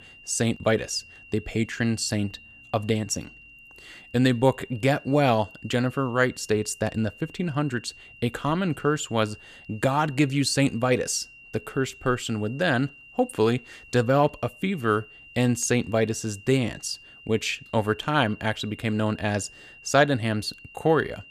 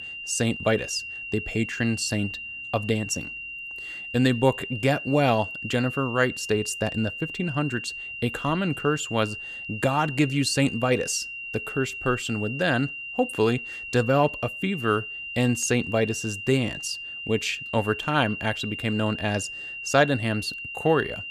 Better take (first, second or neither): first